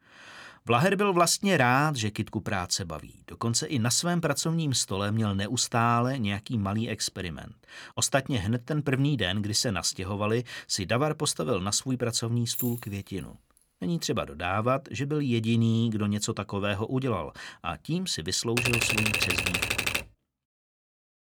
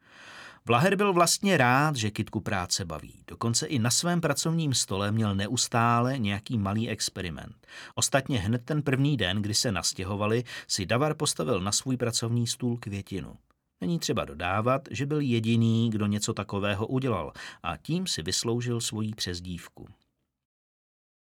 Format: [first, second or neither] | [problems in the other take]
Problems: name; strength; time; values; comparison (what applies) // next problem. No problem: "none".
second | jangling keys; noticeable; at 13 s; peak 6 dB below the speech // keyboard typing; loud; from 19 to 20 s; peak 3 dB above the speech